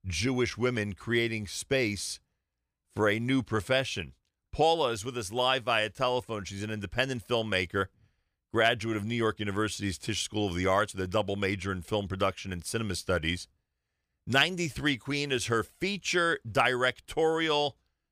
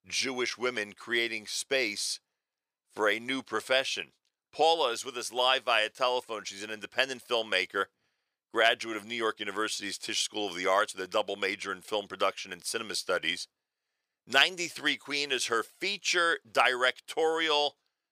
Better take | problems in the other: first | thin; somewhat; fading below 450 Hz

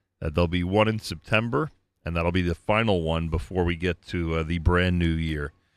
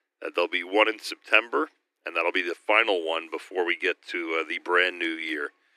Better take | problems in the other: first | thin; very; fading below 300 Hz

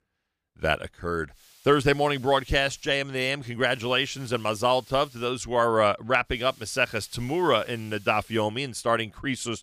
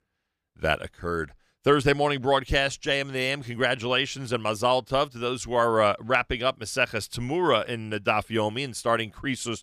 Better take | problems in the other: second | hiss; faint; from 1.5 to 3 s, from 3.5 to 5.5 s and from 6.5 to 8.5 s; 25 dB below the speech

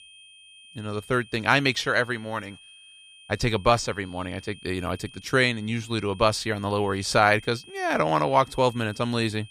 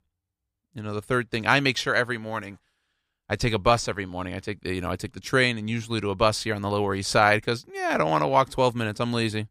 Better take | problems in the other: second | high-pitched whine; faint; throughout; 3 kHz, 20 dB below the speech

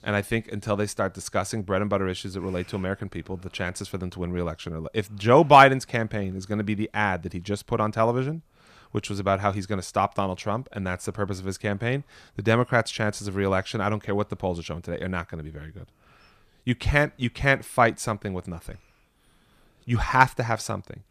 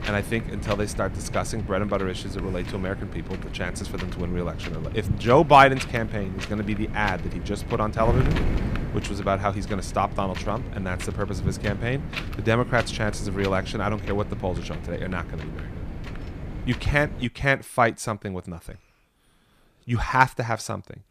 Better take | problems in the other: first | wind noise on the microphone; occasional gusts; until 17 s; 15 dB below the speech

